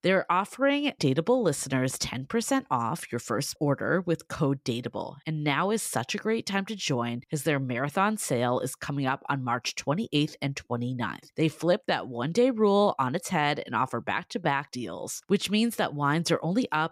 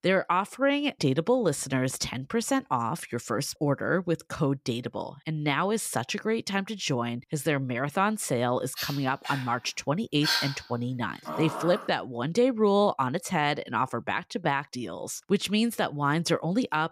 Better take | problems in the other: first | dog barking; loud; from 9 to 12 s; peak 2 dB above the speech

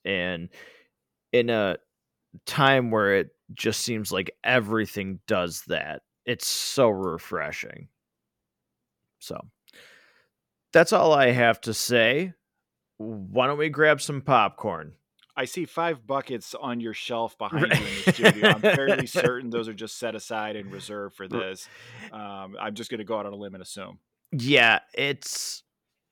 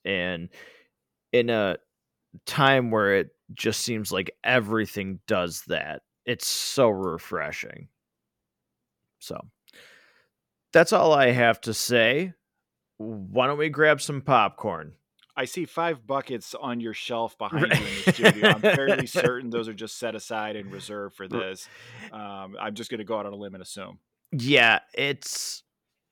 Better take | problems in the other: neither | none

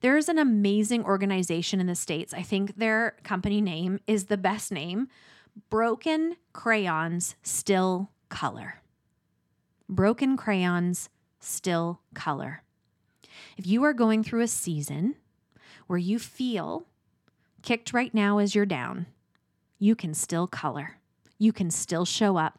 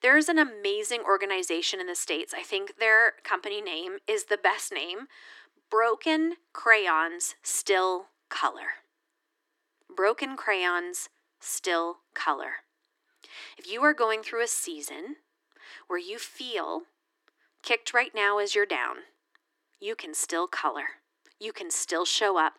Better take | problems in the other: first | thin; very; fading below 300 Hz

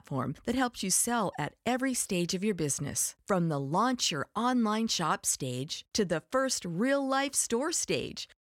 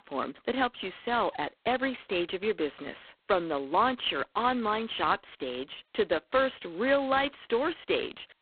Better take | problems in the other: first | phone-call audio; poor line

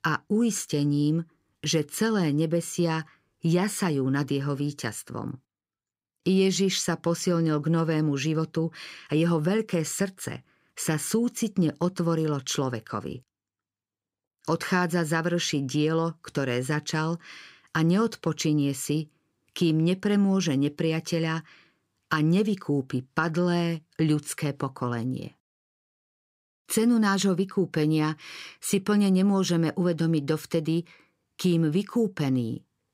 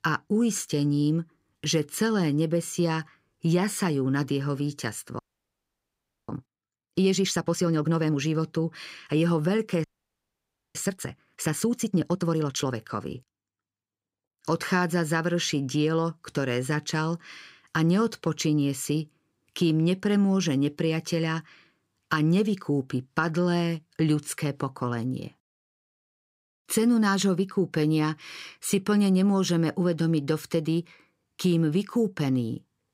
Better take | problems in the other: first | audio freezing; at 5 s for 1 s and at 10 s for 1 s

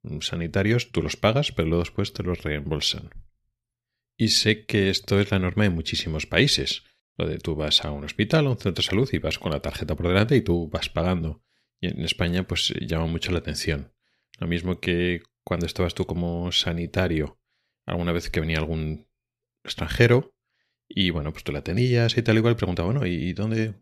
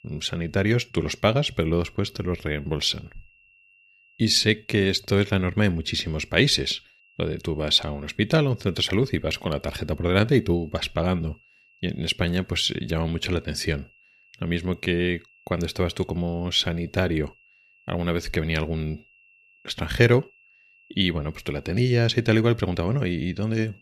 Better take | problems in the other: first | high-pitched whine; faint; throughout; 2.5 kHz, 30 dB below the speech

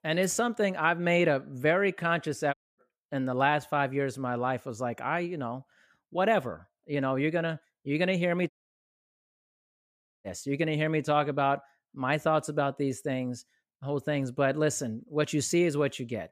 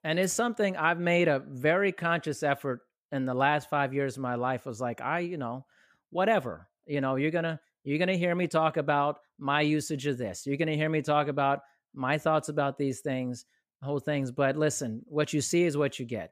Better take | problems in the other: second | audio cutting out; at 2.5 s and at 8.5 s for 1.5 s

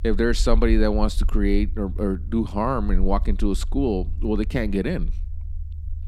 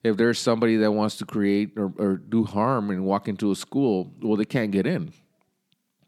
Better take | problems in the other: second | low rumble; faint; throughout; 25 dB below the speech

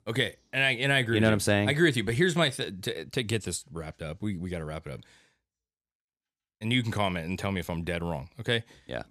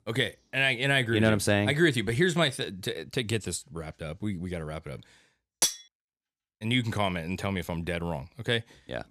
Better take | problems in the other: first | clattering dishes; loud; at 5.5 s; peak 1 dB above the speech

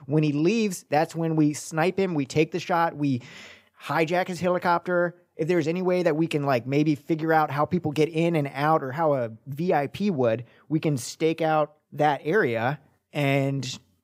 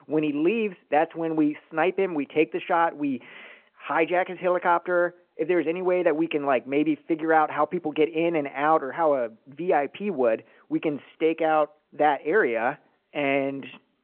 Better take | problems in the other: first | phone-call audio

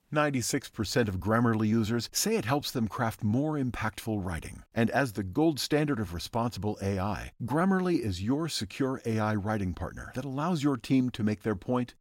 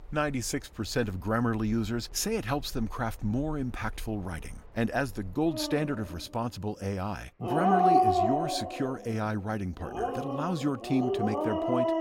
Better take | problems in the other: first | animal sounds; very loud; throughout; 2 dB above the speech

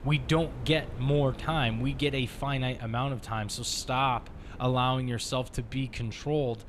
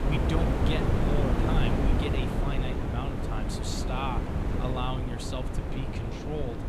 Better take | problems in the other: first | wind noise on the microphone; heavy; 2 dB above the speech; occasional gusts in the first

